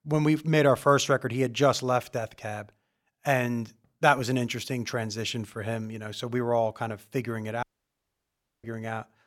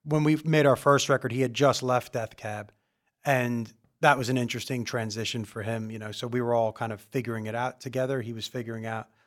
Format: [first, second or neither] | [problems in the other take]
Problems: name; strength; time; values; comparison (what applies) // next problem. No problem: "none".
second | audio cutting out; at 7.5 s for 1 s